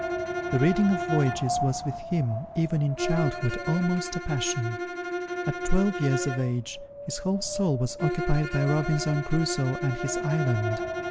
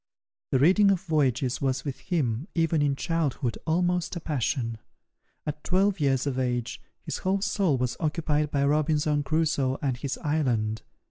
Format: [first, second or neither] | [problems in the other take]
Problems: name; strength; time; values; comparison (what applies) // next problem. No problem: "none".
second | background sound (Bowed string instrument + Wind); 5 dB below the speech